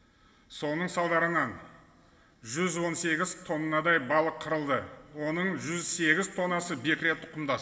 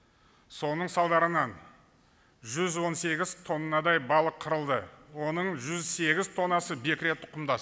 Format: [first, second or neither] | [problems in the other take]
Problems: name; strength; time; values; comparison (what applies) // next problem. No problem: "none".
second | room echo; dies away in 1.3 s